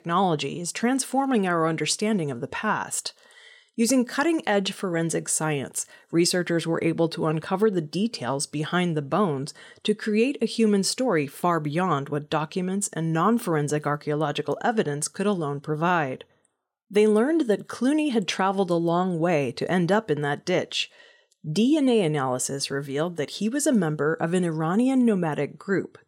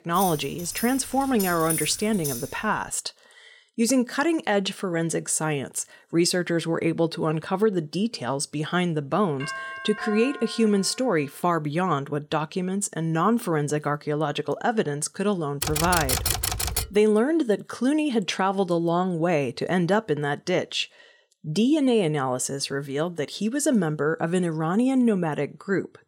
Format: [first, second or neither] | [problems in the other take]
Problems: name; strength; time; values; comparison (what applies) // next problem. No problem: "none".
first | jangling keys; noticeable; until 2.5 s; peak 2 dB below the speech // doorbell; noticeable; from 9.5 to 11 s; peak 8 dB below the speech // keyboard typing; loud; from 16 to 17 s; peak 2 dB above the speech